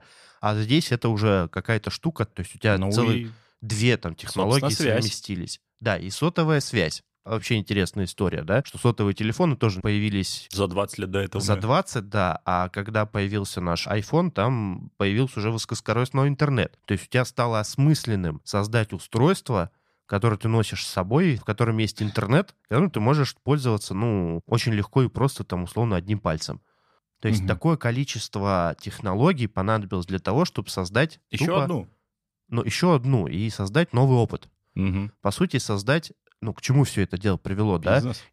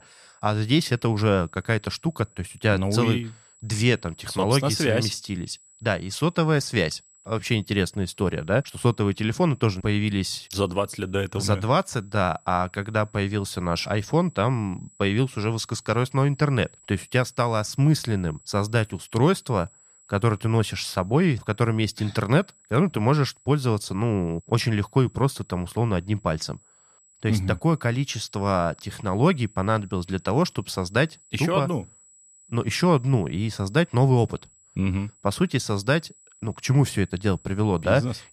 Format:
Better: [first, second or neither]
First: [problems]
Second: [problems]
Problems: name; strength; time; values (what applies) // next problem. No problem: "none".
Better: first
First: none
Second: high-pitched whine; faint; throughout; 7.5 kHz, 30 dB below the speech